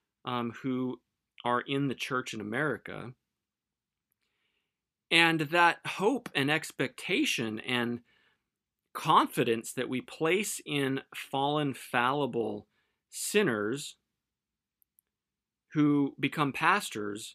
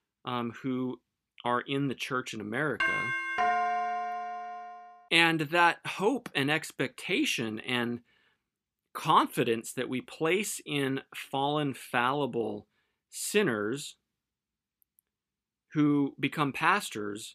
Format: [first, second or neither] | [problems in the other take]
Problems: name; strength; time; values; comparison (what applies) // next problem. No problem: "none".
first | doorbell; loud; from 3 to 4.5 s; peak 2 dB above the speech